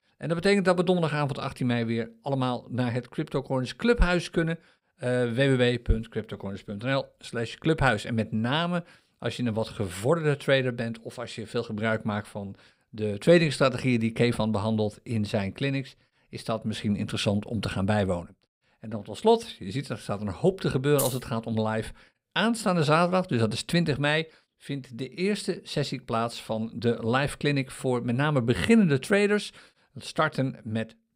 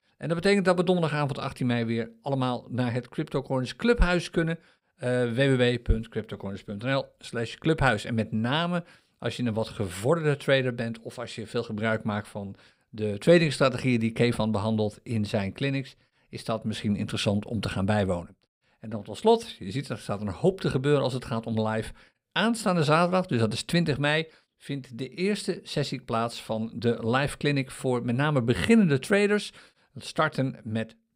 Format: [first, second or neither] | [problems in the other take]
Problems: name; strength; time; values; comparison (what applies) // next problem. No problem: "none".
second | jangling keys; noticeable; at 21 s; peak 5 dB below the speech